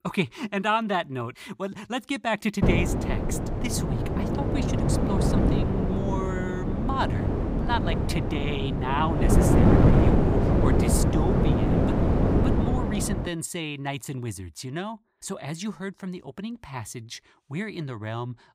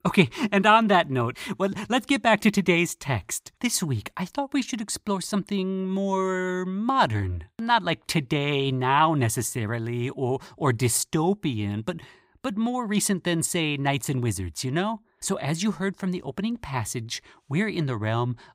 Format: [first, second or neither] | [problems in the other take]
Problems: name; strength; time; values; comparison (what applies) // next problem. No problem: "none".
second | wind noise on the microphone; heavy; from 2.5 to 13 s; 2 dB above the speech